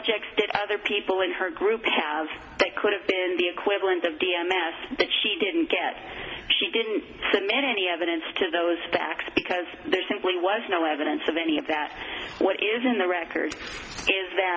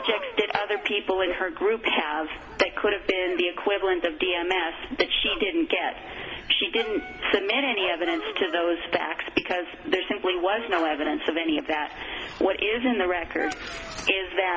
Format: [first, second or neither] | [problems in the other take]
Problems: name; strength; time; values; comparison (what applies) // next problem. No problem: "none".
first | background sound (Dog); 15 dB below the speech